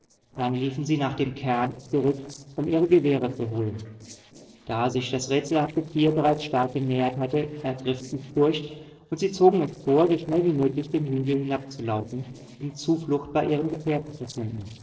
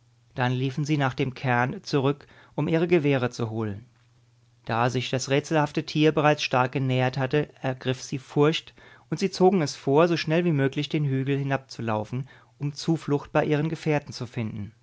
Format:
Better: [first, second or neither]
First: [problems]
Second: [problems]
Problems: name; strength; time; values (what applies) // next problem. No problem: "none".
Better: second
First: noise reduction (neural separator model SepFormer DNS4)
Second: none